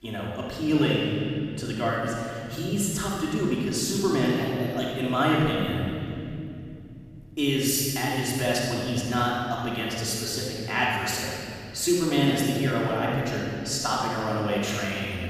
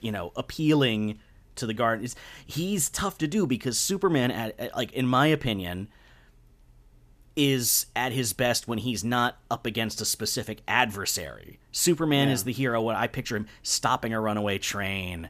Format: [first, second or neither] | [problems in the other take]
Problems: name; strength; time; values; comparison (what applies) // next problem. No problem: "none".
second | off-mic speech; far // room echo; strong; dies away in 2.7 s